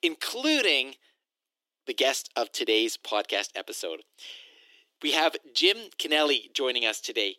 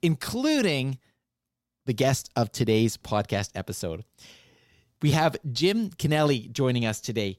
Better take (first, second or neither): second